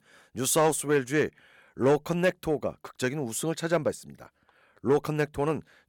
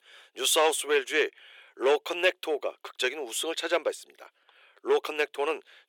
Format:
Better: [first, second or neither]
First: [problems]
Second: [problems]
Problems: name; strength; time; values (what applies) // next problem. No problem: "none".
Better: first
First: none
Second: thin; very; fading below 350 Hz